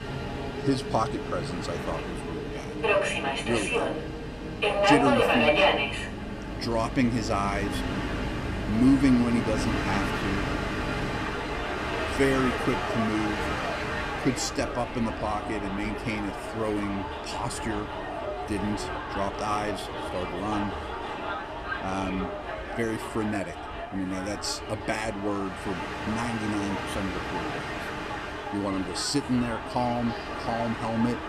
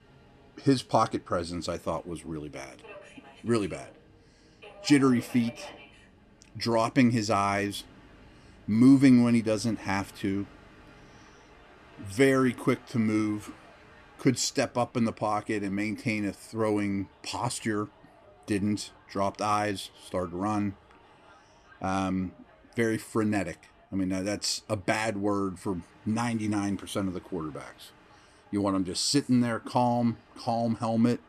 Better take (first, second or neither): second